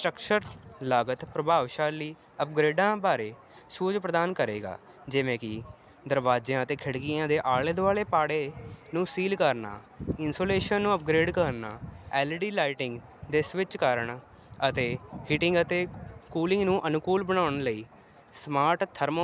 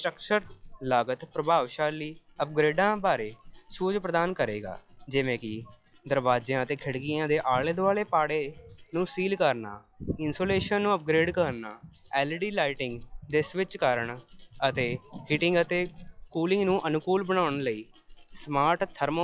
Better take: first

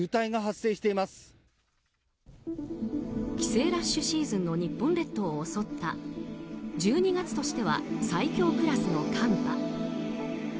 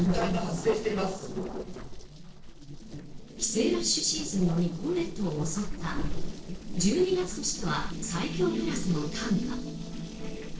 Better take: first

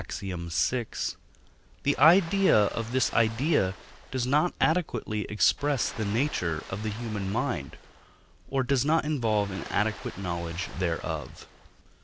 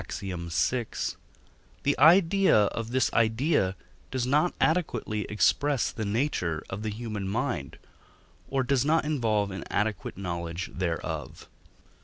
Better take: second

